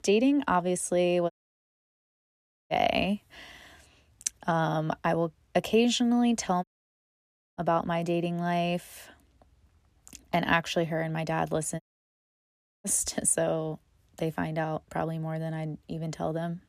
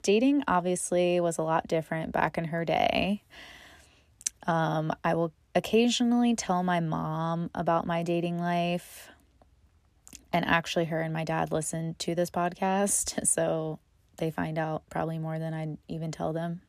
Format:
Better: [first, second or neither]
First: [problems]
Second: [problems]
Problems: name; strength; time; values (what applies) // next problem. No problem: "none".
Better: second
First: audio cutting out; at 1.5 s for 1.5 s, at 6.5 s for 1 s and at 12 s for 1 s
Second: none